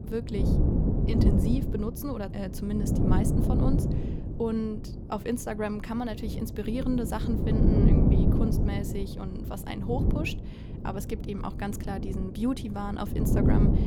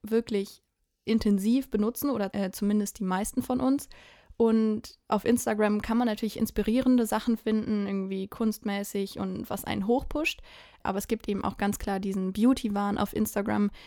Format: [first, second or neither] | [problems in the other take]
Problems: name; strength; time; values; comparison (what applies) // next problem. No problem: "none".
second | wind noise on the microphone; heavy; as loud as the speech